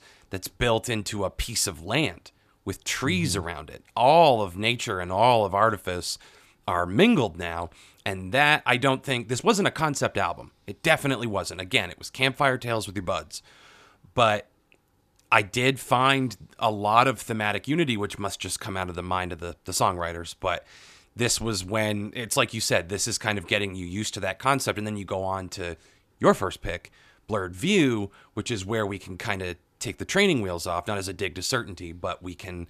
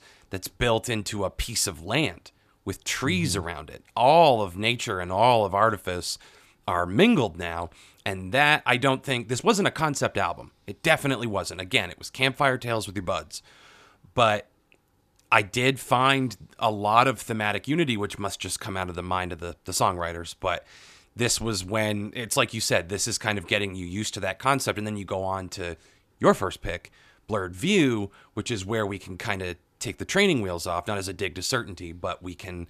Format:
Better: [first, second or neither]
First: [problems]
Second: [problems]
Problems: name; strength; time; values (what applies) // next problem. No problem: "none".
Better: neither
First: none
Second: none